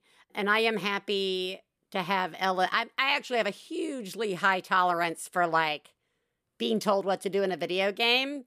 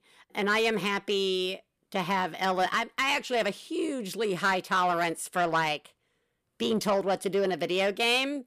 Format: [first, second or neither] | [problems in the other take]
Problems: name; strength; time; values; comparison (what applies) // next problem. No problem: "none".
first | distortion; slight; 10 dB below the speech